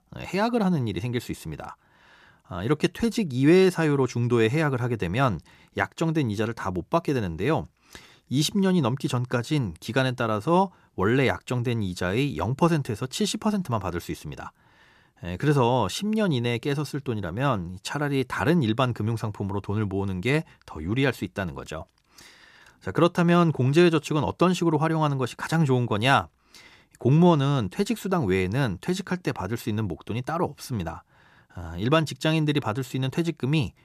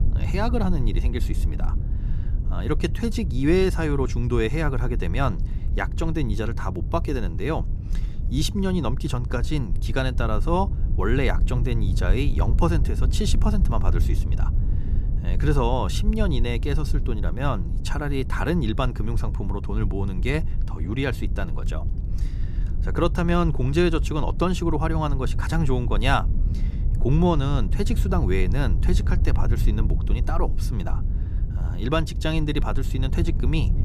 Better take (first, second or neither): first